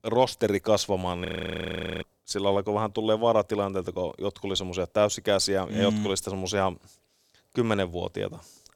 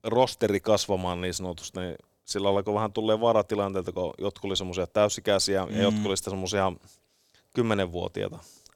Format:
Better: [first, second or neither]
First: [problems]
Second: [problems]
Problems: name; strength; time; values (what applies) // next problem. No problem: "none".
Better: second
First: audio freezing; at 1.5 s for 1 s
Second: none